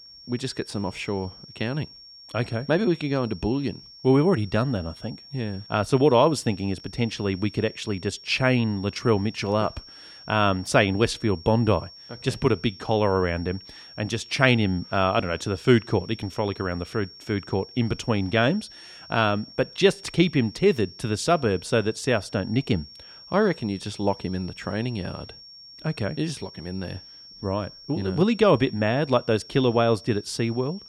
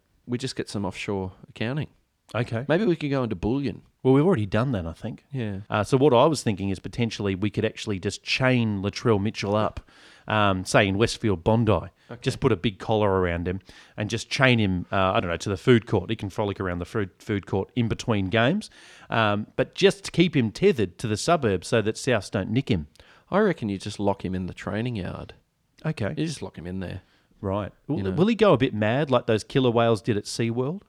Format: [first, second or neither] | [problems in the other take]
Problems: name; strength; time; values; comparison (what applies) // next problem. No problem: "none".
second | high-pitched whine; noticeable; throughout; 5.5 kHz, 20 dB below the speech